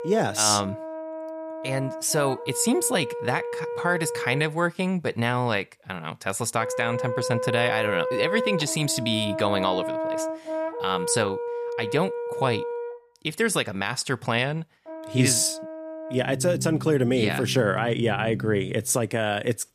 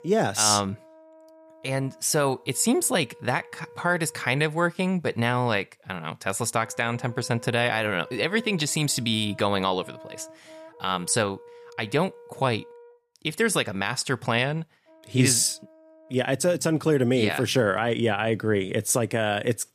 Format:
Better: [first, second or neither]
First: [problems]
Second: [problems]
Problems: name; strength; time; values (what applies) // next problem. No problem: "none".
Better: second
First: background music; loud; throughout; 7 dB below the speech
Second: background music; faint; throughout; 25 dB below the speech